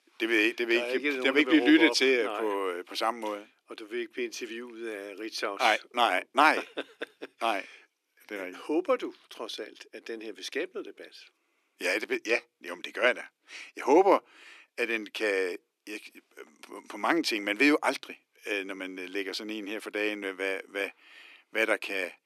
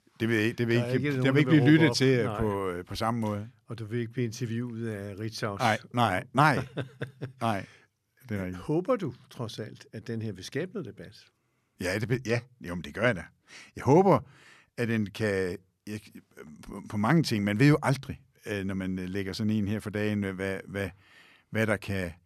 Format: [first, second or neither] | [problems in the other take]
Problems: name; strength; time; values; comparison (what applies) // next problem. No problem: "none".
second | thin; somewhat; fading below 300 Hz